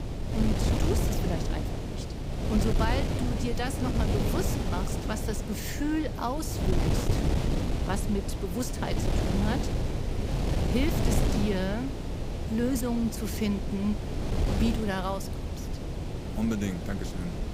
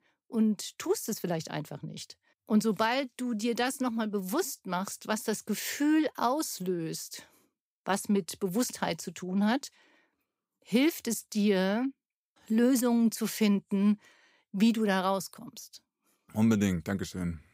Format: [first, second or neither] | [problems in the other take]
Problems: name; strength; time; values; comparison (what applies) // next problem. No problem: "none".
second | wind noise on the microphone; heavy; 2 dB below the speech